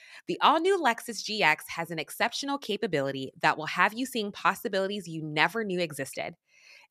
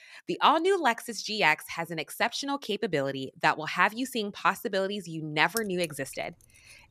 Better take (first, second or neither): first